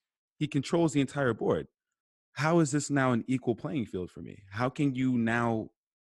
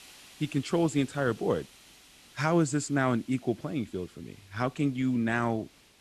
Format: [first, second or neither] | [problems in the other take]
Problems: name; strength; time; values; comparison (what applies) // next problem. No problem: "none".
first | hiss; faint; throughout; 25 dB below the speech